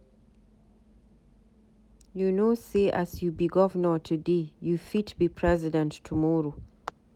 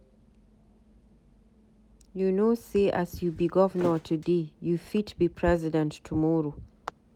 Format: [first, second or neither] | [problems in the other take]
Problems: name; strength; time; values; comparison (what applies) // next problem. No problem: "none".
first | background sound (Thump, thud); 16 dB below the speech